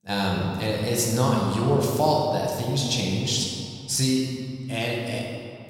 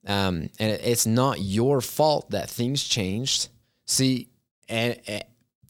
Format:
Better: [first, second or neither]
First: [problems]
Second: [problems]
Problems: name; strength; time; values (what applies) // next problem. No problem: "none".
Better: second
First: room echo; noticeable; dies away in 2 s // off-mic speech; somewhat distant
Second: none